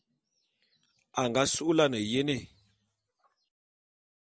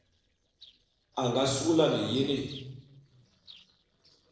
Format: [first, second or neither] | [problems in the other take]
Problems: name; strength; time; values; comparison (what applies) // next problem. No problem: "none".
first | noise reduction (neural separator model SepFormer DNS4)